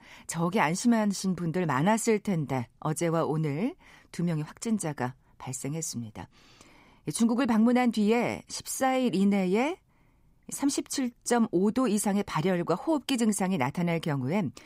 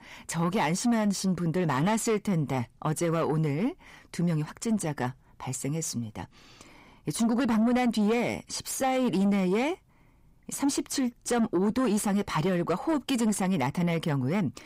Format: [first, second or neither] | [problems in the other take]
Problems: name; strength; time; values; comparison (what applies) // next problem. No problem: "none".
first | distortion; slight; 10 dB below the speech